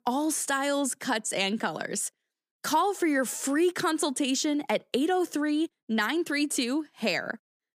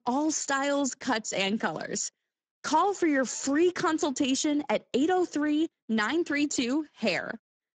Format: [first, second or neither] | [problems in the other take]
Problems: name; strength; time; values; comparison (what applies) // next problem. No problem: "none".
first | garbled, watery; badly; nothing above 7.5 kHz